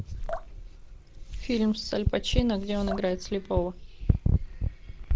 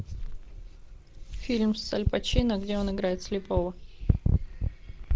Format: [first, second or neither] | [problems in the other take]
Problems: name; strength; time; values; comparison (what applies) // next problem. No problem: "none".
second | background sound (Drip); 17 dB below the speech